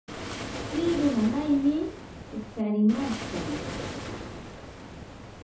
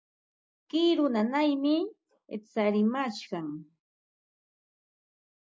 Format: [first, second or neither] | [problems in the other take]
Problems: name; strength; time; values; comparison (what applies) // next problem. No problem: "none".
second | background sound (Waves, surf); 8 dB below the speech // room echo; dies away in 0.7 s